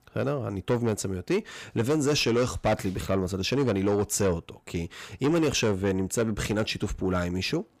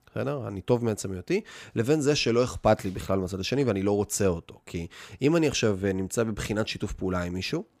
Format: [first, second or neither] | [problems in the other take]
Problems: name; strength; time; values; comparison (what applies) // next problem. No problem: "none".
second | distortion; slight; 10 dB below the speech